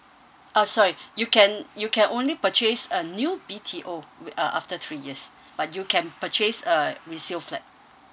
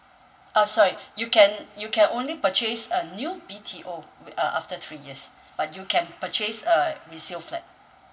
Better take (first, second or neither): first